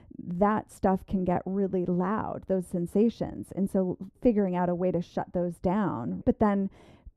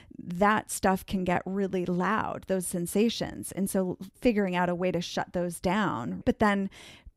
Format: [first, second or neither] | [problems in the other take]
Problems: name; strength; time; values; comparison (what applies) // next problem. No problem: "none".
second | muffled; very; fading above 1.5 kHz